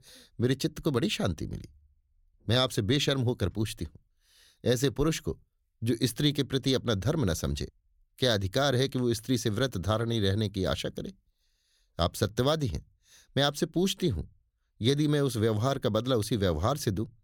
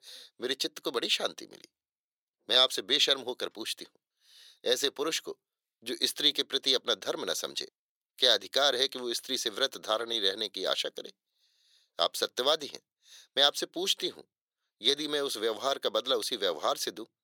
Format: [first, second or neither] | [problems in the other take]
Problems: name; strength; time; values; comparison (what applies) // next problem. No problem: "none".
first | thin; very; fading below 450 Hz